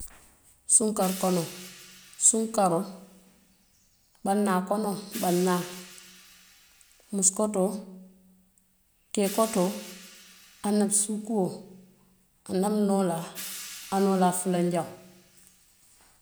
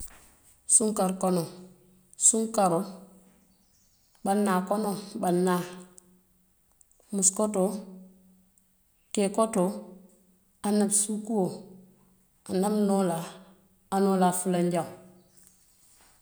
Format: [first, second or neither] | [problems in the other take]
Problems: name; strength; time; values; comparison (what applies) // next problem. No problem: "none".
second | background sound (Hi-hat); 18 dB below the speech